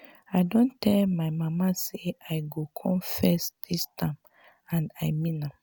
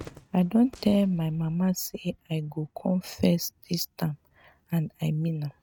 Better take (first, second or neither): first